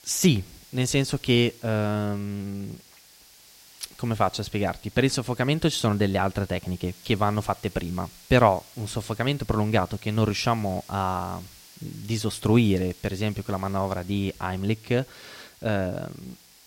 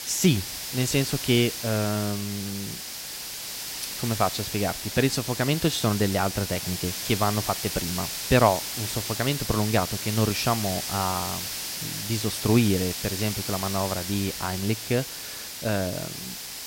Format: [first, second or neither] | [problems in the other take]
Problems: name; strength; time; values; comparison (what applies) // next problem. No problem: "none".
first | hiss; loud; throughout; 4 dB below the speech; faint in the first